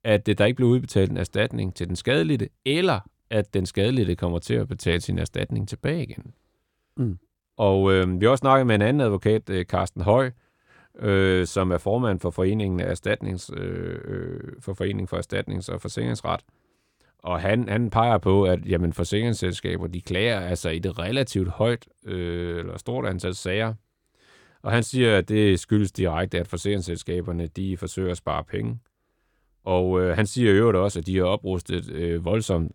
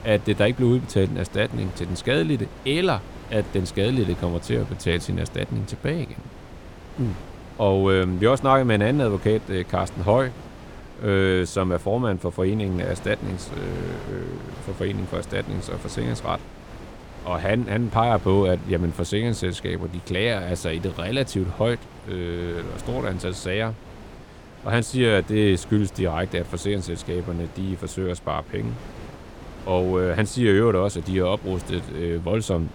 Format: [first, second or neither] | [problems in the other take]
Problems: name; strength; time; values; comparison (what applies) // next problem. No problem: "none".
first | wind noise on the microphone; occasional gusts; 15 dB below the speech